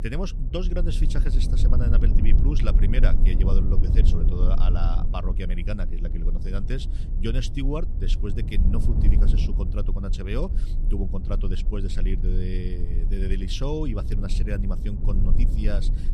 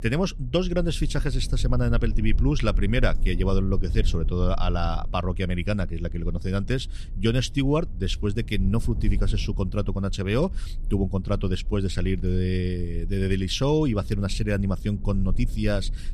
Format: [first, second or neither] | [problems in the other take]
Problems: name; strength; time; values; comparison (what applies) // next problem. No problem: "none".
second | low rumble; loud; throughout; 7 dB below the speech; faint in the second